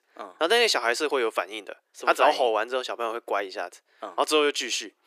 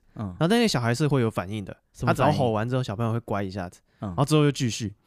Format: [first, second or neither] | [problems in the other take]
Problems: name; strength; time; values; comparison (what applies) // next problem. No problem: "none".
second | thin; very; fading below 350 Hz